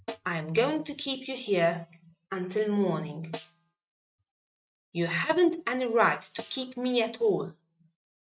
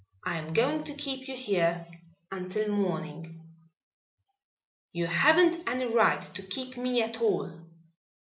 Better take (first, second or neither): second